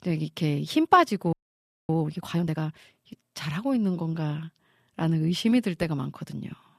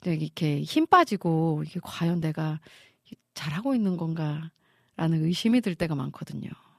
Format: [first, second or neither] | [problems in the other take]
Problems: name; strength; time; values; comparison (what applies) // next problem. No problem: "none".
second | audio freezing; at 1.5 s for 0.5 s